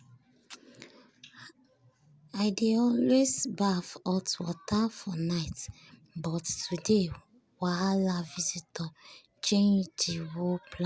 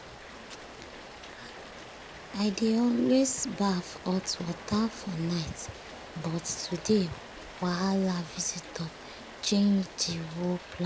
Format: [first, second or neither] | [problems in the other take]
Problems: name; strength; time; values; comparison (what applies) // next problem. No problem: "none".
first | background sound (Rain); 14 dB below the speech